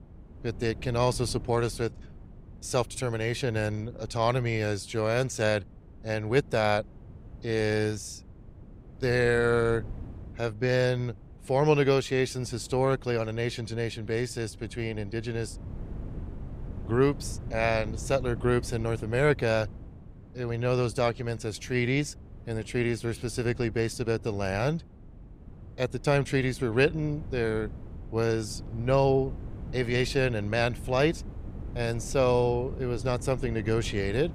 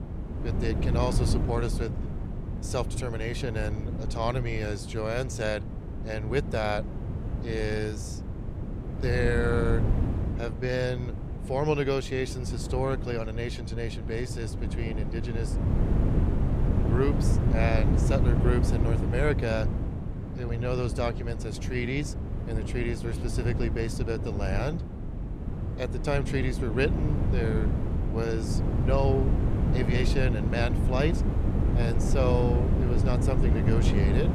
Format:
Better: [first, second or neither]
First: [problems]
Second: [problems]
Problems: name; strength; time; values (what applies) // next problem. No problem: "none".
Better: first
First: wind noise on the microphone; occasional gusts; 25 dB below the speech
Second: wind noise on the microphone; heavy; 6 dB below the speech